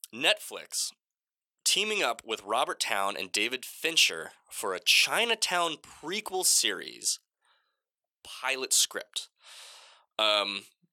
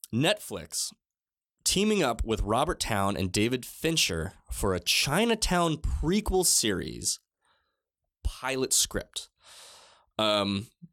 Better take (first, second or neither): second